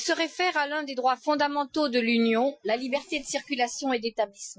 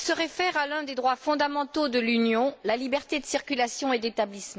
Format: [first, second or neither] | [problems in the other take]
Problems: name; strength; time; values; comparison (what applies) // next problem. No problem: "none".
second | noise reduction (classical method Wiener filter)